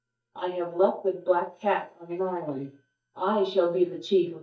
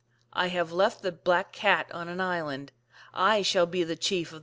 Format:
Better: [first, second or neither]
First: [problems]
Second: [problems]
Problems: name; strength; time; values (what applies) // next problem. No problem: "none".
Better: second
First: noise reduction (neural mask model DeepFilterNet 3)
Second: none